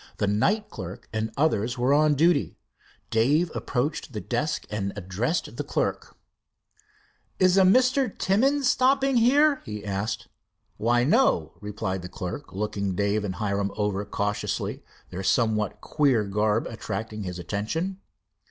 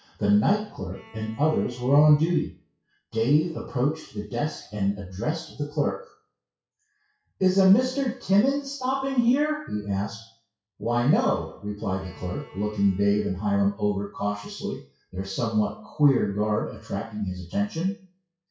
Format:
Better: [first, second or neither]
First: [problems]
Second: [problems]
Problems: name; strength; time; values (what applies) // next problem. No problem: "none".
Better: first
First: none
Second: noise reduction (classical method WPE with log-MMSE)